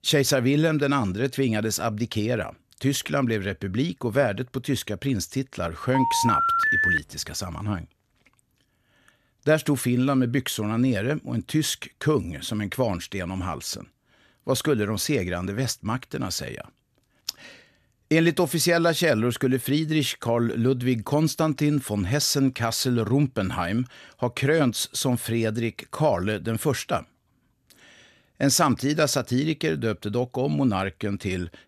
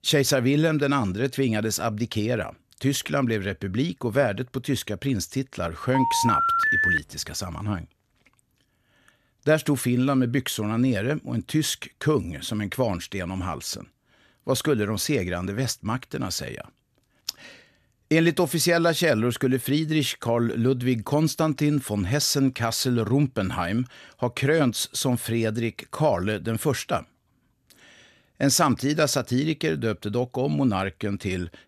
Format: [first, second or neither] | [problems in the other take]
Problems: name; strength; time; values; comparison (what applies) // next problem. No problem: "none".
neither | phone ringing; loud; from 6 to 7 s; peak 5 dB above the speech; the same in both